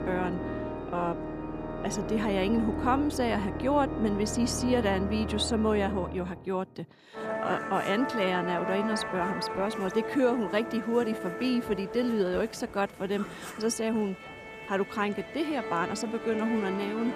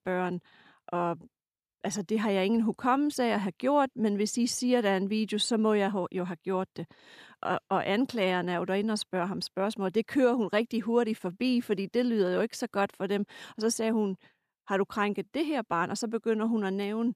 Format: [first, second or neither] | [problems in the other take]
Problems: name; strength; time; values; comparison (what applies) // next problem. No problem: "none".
second | background music; loud; throughout; 6 dB below the speech